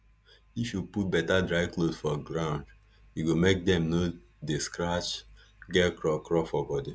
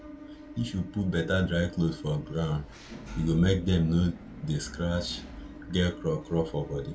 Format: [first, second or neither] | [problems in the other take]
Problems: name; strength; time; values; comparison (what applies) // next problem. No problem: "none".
first | background sound (Engine / Mechanisms); 14 dB below the speech // room echo; dies away in 0.2 s